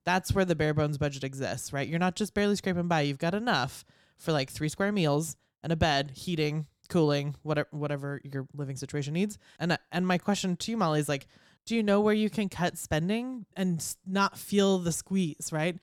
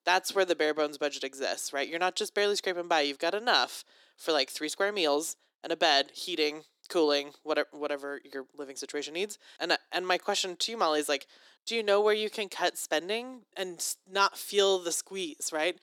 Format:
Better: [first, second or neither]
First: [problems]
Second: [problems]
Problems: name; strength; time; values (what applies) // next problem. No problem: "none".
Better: first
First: none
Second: thin; very; fading below 300 Hz